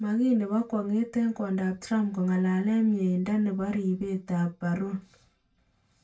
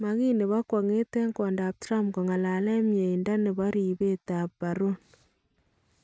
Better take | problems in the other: second | room echo; dies away in 0.2 s

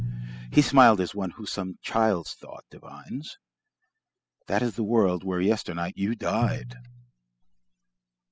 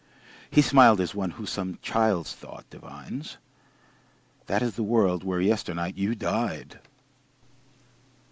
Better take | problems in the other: second | noise reduction (classical method spectral subtraction)

